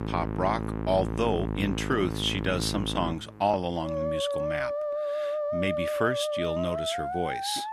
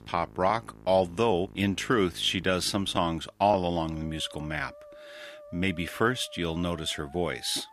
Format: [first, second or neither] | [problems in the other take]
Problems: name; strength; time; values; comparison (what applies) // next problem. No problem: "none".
second | background music; loud; throughout; 2 dB below the speech; faint in the second